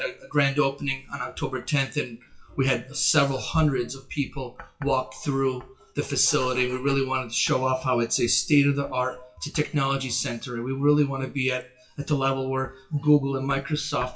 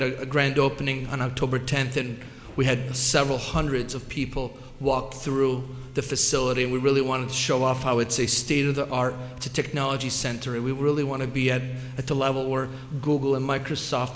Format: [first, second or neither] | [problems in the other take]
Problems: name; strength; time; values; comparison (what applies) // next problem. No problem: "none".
second | noise reduction (classical method WPE with log-MMSE)